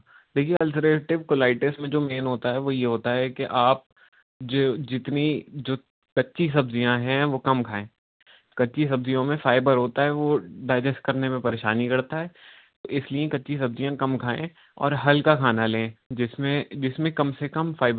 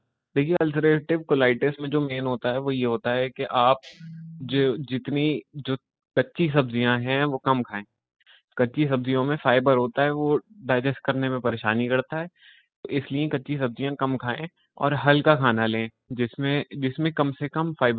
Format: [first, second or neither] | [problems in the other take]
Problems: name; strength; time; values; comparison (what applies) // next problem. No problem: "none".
first | noise reduction (classical method spectral subtraction)